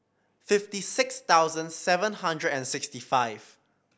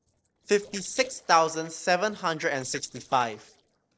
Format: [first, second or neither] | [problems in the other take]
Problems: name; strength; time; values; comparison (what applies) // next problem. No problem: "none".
first | noise reduction (neural separator model SepFormer DNS4)